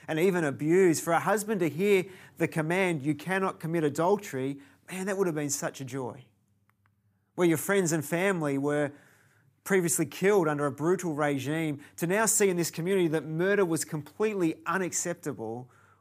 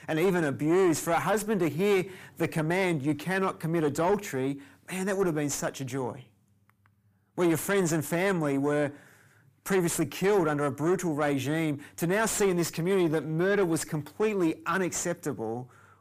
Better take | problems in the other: first | distortion; slight; 10 dB below the speech

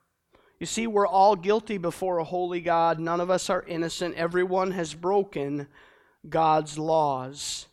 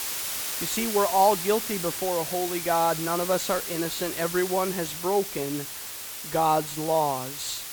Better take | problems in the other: first | hiss; loud; throughout; 4 dB below the speech

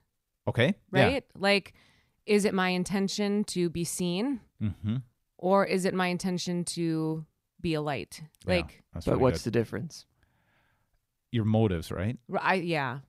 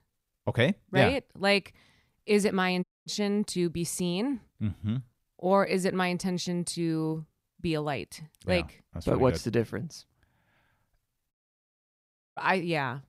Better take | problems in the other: first | audio cutting out; at 3 s and at 11 s for 1 s

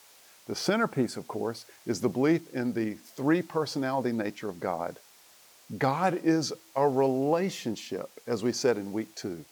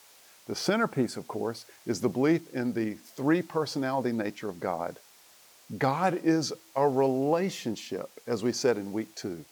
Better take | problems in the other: neither | hiss; faint; throughout; 25 dB below the speech; the same in both

